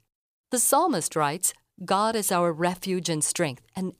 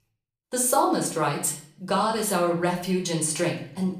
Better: first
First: none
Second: room echo; slight; dies away in 0.5 s // off-mic speech; far

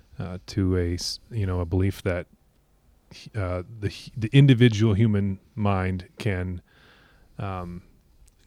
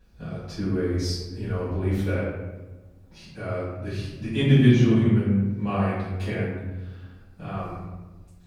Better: first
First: none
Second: off-mic speech; far // room echo; noticeable; dies away in 1.1 s

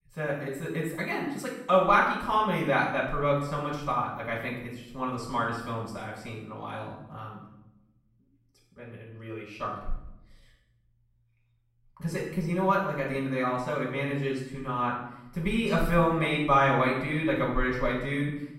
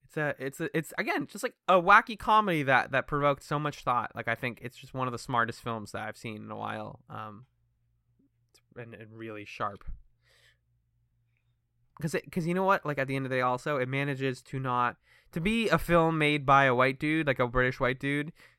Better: second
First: off-mic speech; far // room echo; noticeable; dies away in 0.8 s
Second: none

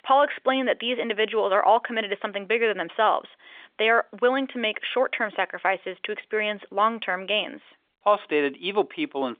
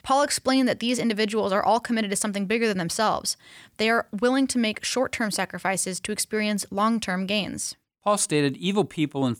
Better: second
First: phone-call audio; nothing above 3.5 kHz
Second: none

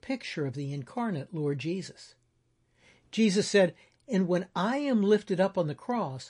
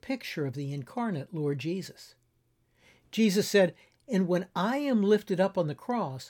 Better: second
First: garbled, watery; slightly; nothing above 9 kHz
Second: none

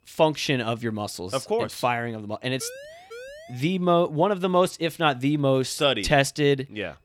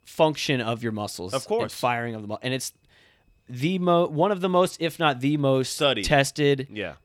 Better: second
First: siren; faint; from 2.5 to 3.5 s; peak 15 dB below the speech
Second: none

